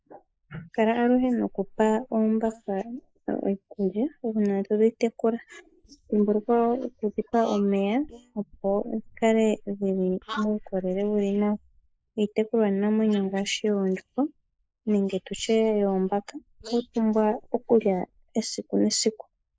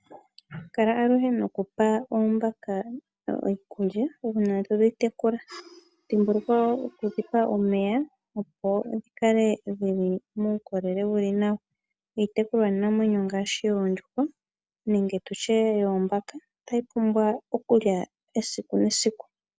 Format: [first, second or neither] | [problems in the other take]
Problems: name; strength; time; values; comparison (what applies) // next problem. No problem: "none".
second | noise reduction (neural mask model Resemble Enhance denoiser)